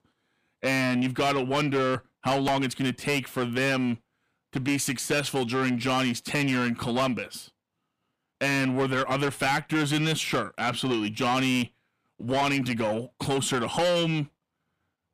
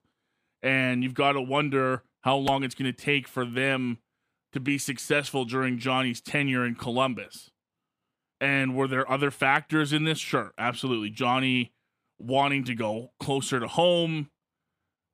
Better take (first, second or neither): second